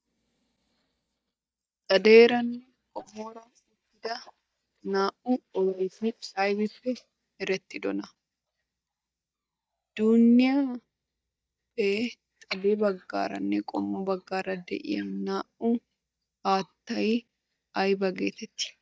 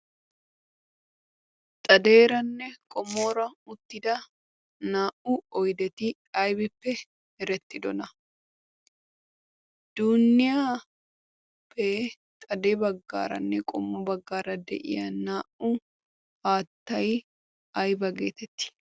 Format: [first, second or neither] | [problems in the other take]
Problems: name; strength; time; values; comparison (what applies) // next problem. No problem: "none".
second | noise reduction (neural mask model DeepFilterNet 3)